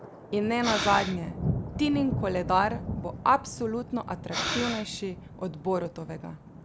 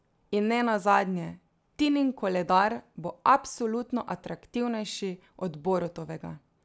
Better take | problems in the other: second | background sound (Breathing + Thunder); 5 dB below the speech

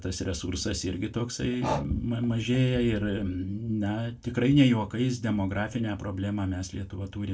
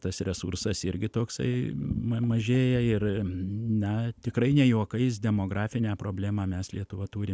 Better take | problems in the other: second | background sound (Breathing); 12 dB below the speech // room echo; dies away in 0.2 s

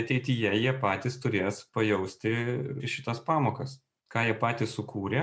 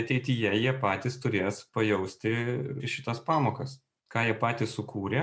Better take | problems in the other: first | background sound (Bowed string instrument); 12 dB below the speech

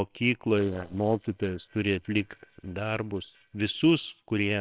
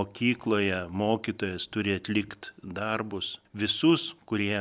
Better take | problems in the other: second | noise reduction (neural separator model SepFormer WHAMR!)

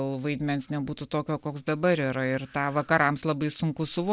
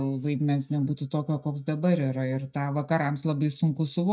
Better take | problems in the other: first | noise reduction (neural mask model DeepFilterNet 3)

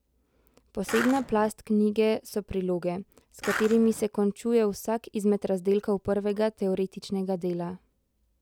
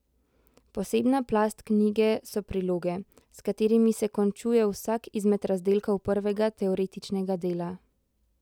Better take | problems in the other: second | background sound (Skateboard); 7 dB below the speech

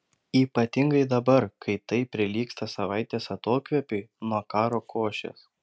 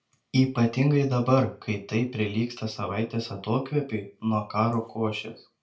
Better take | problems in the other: first | room echo; dies away in 0.3 s

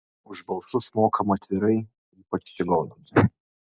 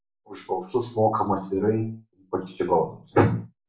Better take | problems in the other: first | room echo; dies away in 0.3 s

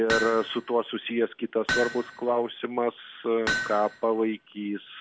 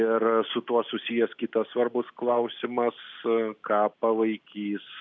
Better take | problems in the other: second | background sound (Hammer); 7 dB below the speech

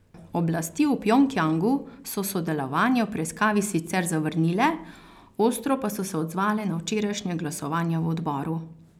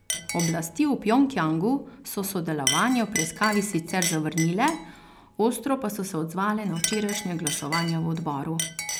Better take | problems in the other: first | background sound (Chink, clink); 8 dB below the speech

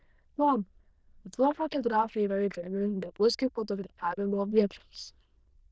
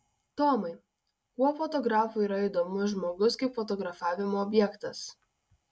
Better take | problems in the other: second | noise reduction (neural diffusion model UNIVERSE++)

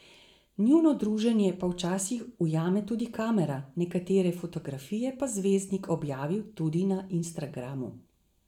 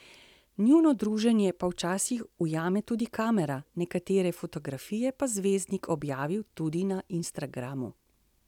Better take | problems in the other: second | room echo; dies away in 0.4 s

